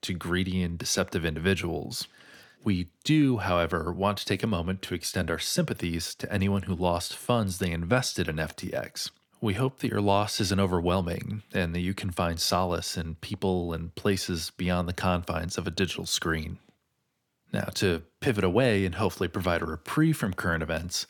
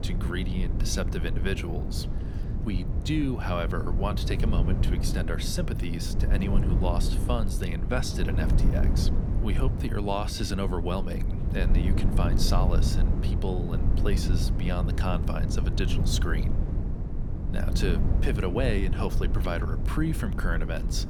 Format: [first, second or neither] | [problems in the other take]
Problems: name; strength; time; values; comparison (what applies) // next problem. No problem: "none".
first | wind noise on the microphone; heavy; 6 dB below the speech